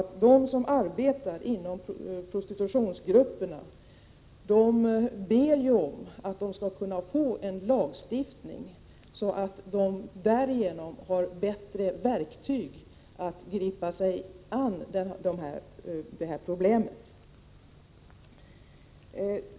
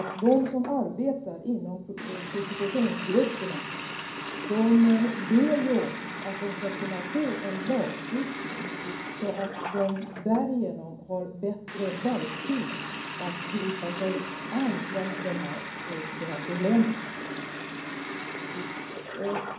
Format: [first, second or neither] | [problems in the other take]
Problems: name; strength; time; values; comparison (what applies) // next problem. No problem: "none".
first | background sound (Water tap, faucet); 8 dB below the speech // room echo; dies away in 0.6 s